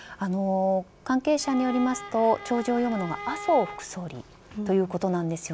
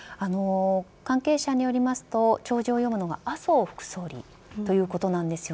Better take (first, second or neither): second